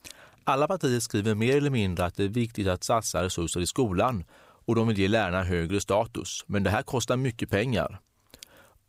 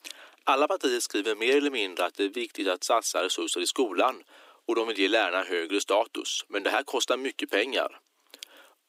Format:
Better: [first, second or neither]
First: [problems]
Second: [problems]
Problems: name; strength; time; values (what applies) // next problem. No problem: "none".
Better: first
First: none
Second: thin; somewhat; fading below 300 Hz